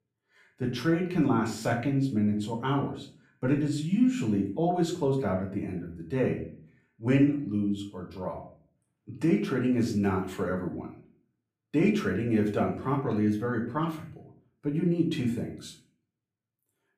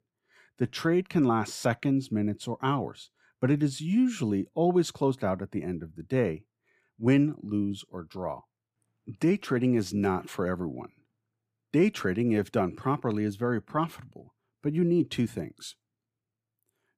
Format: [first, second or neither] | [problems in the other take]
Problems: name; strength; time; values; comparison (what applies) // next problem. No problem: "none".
second | room echo; slight; dies away in 0.4 s // off-mic speech; far